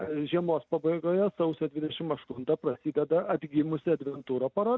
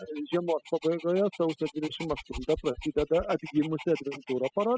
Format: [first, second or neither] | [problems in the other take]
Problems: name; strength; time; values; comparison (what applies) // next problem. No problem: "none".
first | noise reduction (classical method spectral subtraction)